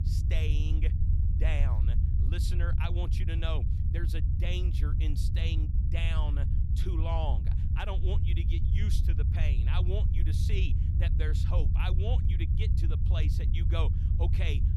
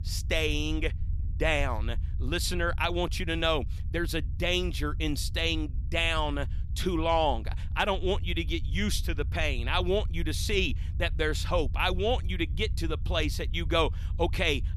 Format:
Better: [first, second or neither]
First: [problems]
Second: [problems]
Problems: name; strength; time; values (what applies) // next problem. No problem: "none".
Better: second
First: low rumble; loud; throughout; 4 dB below the speech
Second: low rumble; faint; throughout; 20 dB below the speech